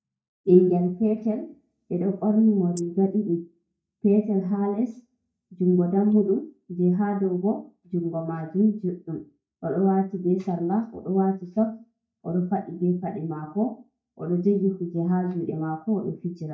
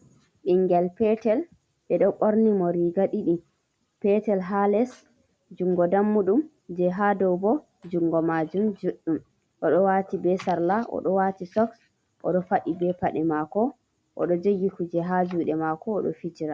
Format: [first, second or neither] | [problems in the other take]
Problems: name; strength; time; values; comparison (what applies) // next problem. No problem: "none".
second | noise reduction (neural mask model DeepFilterNet 3)